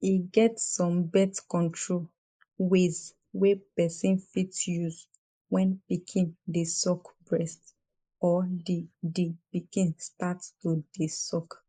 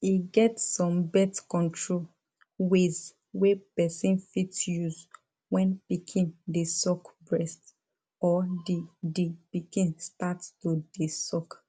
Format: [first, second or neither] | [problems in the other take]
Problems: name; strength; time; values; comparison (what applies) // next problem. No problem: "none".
second | noise reduction (neural mask model Resemble Enhance denoiser)